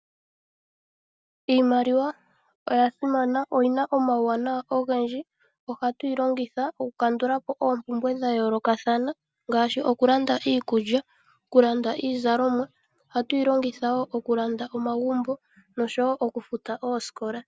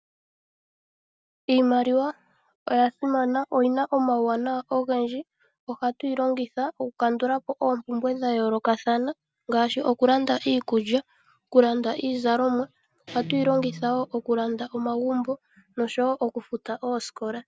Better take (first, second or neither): first